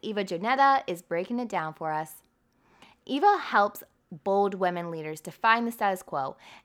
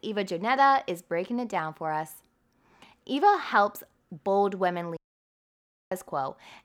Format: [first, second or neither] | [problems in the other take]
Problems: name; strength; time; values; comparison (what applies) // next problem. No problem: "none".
first | audio cutting out; at 5 s for 1 s